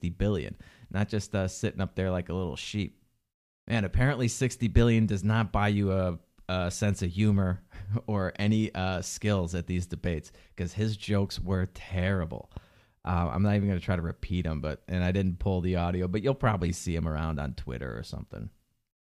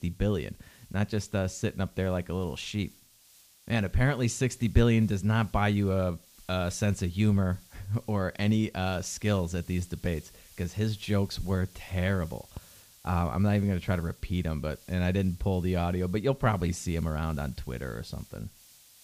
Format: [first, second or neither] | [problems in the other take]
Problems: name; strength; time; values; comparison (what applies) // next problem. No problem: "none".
first | hiss; faint; throughout; 25 dB below the speech